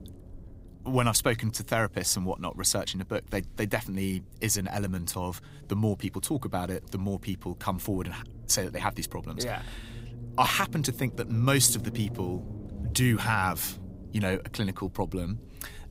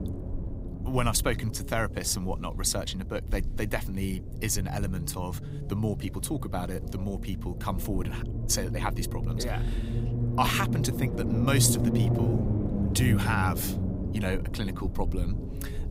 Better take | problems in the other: first | low rumble; loud; throughout; 8 dB below the speech; faint in the first

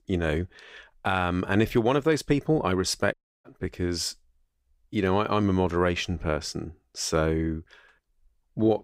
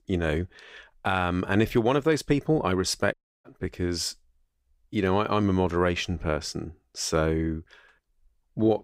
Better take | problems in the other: neither | audio cutting out; at 3 s; the same in both

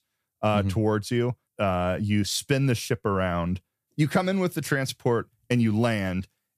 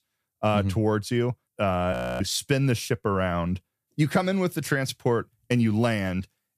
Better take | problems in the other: first | audio freezing; at 2 s

